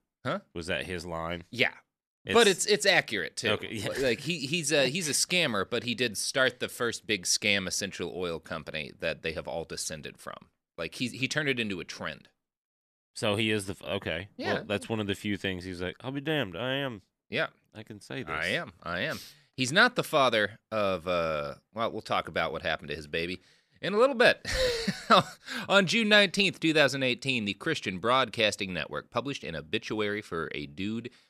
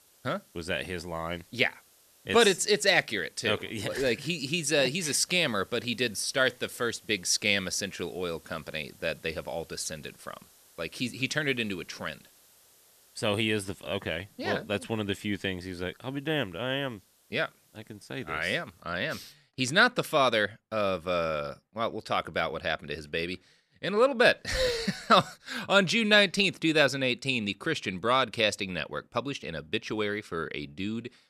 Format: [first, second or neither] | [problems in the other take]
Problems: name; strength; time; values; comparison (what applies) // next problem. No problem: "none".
first | hiss; faint; until 19 s; 30 dB below the speech